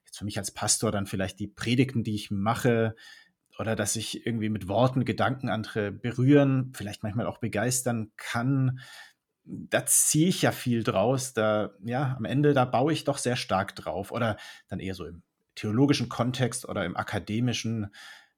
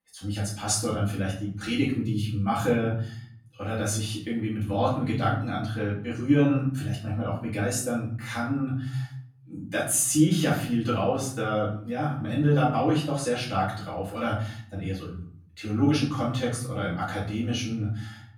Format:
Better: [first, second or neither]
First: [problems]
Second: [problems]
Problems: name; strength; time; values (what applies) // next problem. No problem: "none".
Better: first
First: none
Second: off-mic speech; far // room echo; noticeable; dies away in 0.6 s